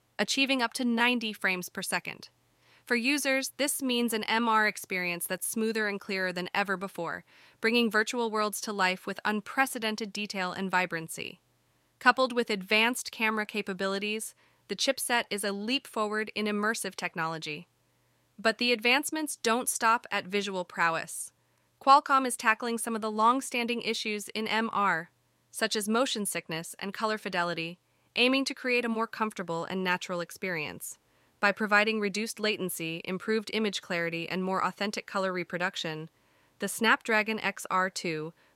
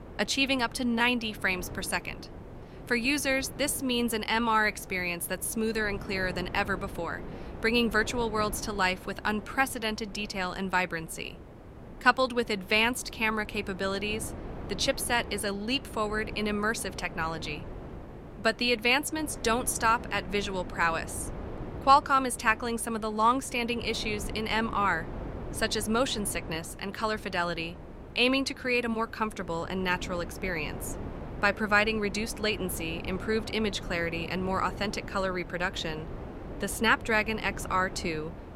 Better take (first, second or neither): first